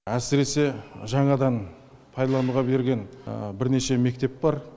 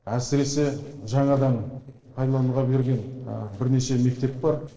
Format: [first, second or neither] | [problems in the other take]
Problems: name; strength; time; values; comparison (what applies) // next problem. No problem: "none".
first | noise reduction (neural separator model SepFormer DNS4)